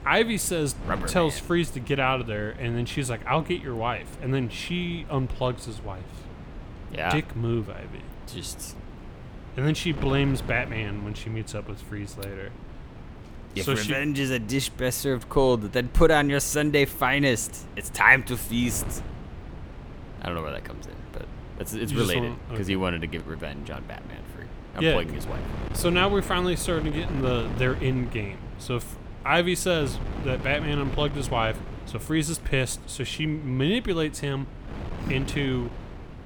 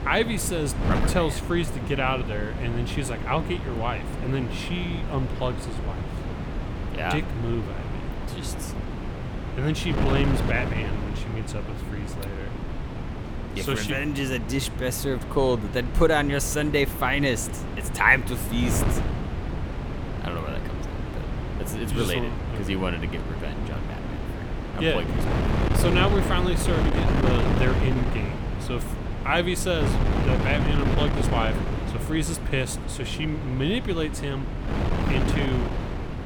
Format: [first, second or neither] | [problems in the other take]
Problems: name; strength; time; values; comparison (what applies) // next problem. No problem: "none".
first | wind noise on the microphone; heavy; 6 dB below the speech; occasional gusts in the first